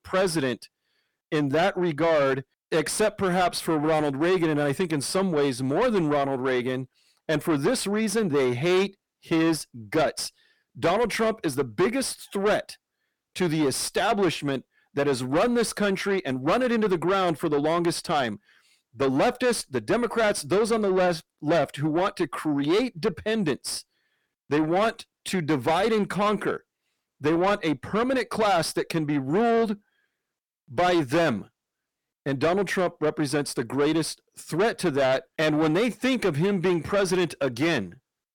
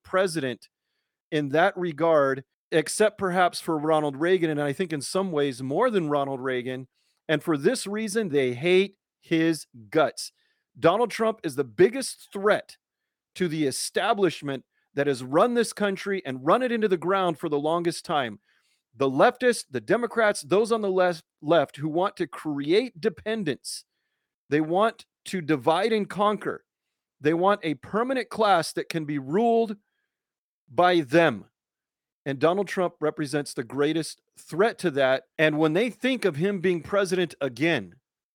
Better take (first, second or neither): second